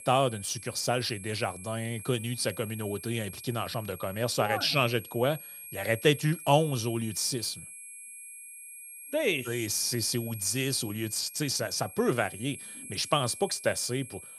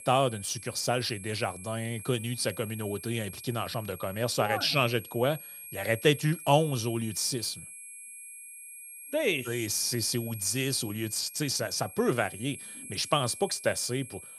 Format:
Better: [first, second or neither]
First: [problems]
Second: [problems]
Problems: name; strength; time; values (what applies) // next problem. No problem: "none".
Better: neither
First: high-pitched whine; noticeable; throughout; 11.5 kHz, 15 dB below the speech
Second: high-pitched whine; noticeable; throughout; 11.5 kHz, 15 dB below the speech